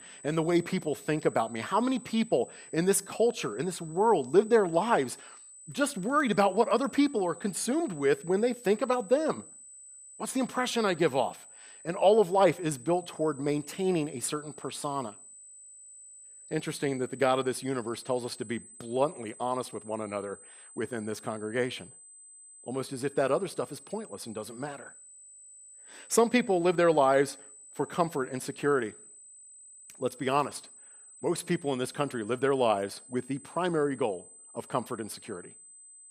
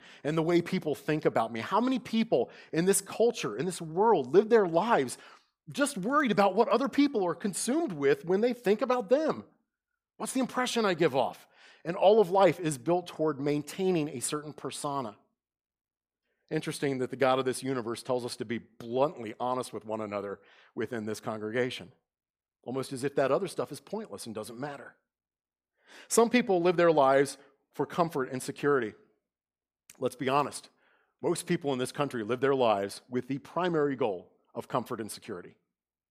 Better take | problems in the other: second | high-pitched whine; noticeable; throughout; 8 kHz, 20 dB below the speech

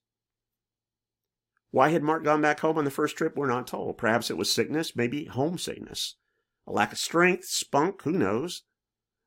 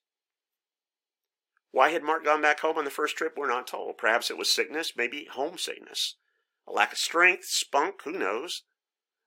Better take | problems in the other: first | thin; very; fading below 400 Hz

